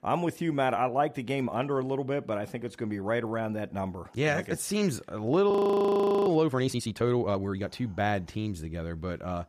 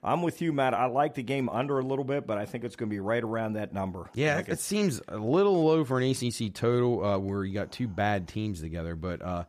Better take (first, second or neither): second